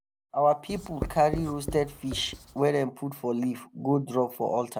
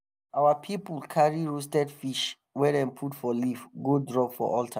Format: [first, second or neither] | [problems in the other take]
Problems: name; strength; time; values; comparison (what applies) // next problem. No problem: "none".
second | background sound (Writing); 10 dB below the speech